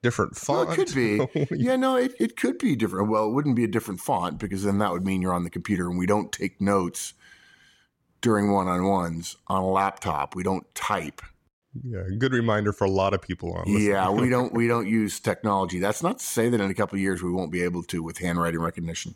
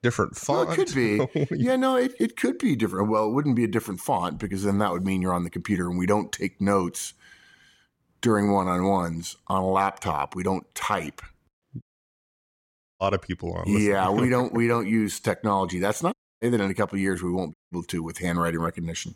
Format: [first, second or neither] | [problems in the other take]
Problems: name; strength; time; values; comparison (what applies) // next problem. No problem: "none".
first | audio cutting out; at 12 s for 1 s, at 16 s and at 18 s